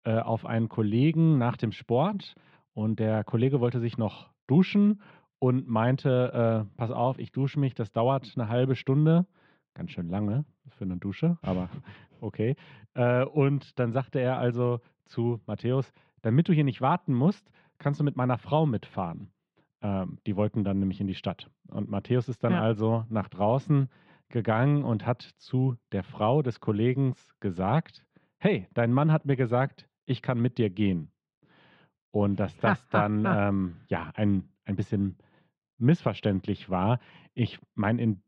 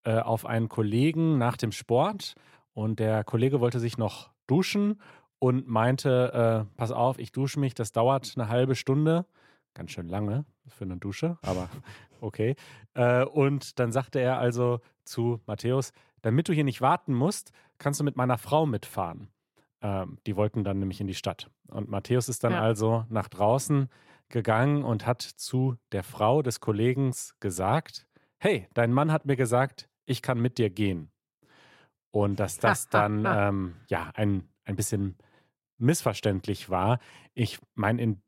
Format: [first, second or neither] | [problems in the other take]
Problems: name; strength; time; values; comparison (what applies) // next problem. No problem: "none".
second | muffled; slightly; fading above 3.5 kHz